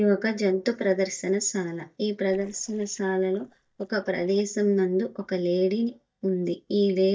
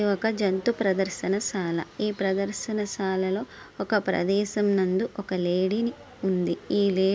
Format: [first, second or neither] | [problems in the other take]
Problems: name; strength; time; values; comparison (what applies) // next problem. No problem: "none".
second | noise reduction (neural mask model DeepFilterNet 3)